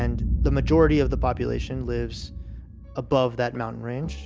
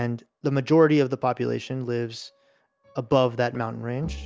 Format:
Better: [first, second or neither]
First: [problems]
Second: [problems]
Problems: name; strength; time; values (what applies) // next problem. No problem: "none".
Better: second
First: background sound (Boom); 3 dB below the speech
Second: none